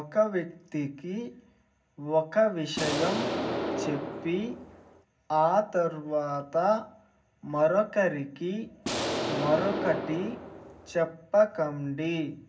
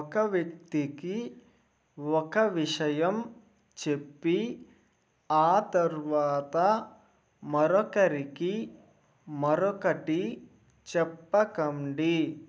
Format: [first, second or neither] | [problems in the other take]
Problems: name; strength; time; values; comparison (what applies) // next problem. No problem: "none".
second | background sound (Explosion); 3 dB below the speech // room echo; dies away in 0.4 s